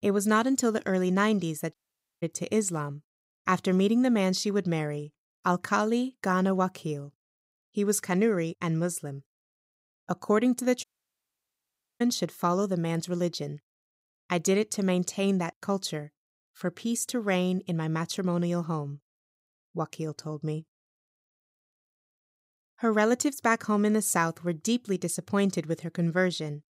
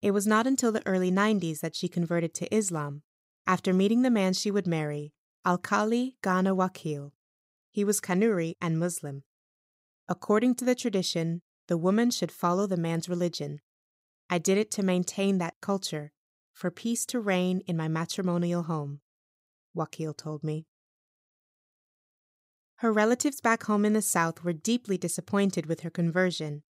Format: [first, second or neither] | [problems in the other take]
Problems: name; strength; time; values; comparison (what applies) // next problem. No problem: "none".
second | audio cutting out; at 1.5 s and at 11 s for 1 s